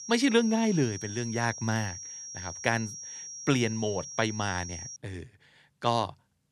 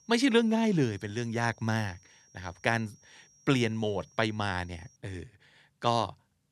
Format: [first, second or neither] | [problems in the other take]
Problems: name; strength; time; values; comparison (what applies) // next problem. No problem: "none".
second | high-pitched whine; loud; until 5 s; 5.5 kHz, 10 dB below the speech; faint in the second